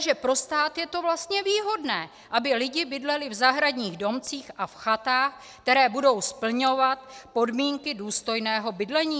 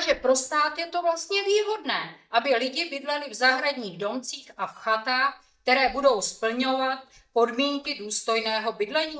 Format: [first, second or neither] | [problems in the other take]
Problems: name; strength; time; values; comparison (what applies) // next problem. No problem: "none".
first | noise reduction (neural mask model DeepFilterNet 3)